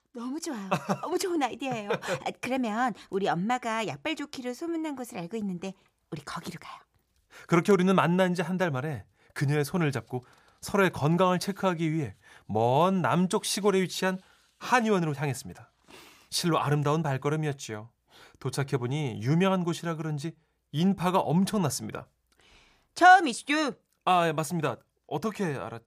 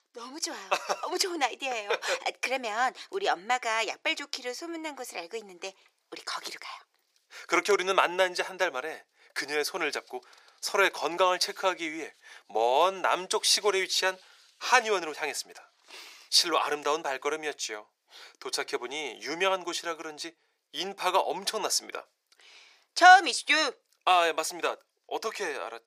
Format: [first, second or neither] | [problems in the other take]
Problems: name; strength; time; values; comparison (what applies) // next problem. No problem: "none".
first | thin; very; fading below 400 Hz